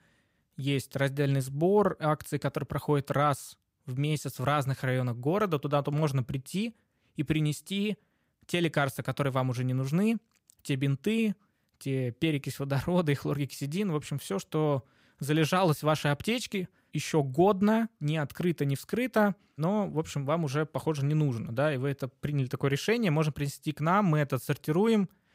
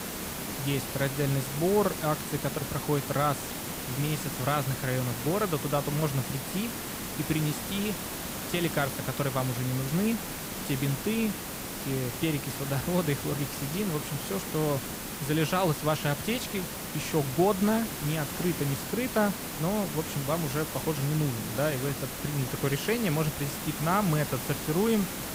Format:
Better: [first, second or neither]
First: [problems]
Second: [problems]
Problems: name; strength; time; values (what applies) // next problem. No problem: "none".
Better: first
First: none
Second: hiss; loud; throughout; 4 dB below the speech